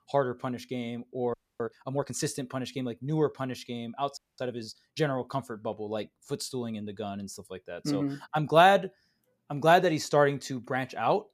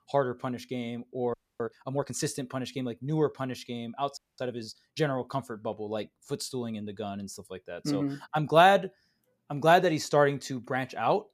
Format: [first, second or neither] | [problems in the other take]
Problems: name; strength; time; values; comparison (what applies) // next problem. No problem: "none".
neither | audio freezing; at 1.5 s and at 4 s; the same in both